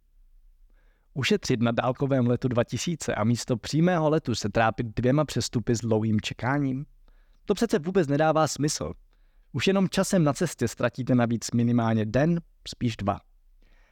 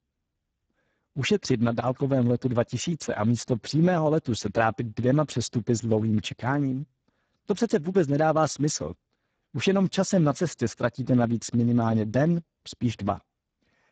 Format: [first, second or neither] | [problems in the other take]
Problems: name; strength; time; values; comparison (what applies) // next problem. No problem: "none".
first | garbled, watery; badly; nothing above 7.5 kHz